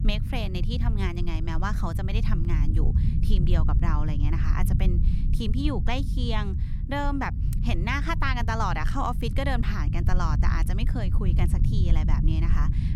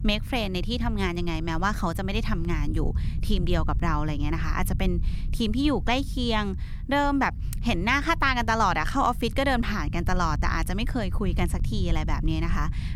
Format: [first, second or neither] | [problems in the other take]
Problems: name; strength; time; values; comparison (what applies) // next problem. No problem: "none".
second | low rumble; loud; throughout; 9 dB below the speech; faint in the second